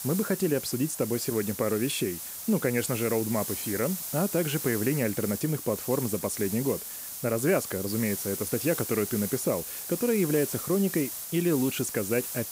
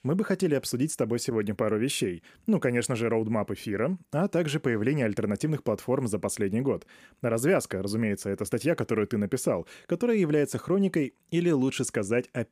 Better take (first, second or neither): second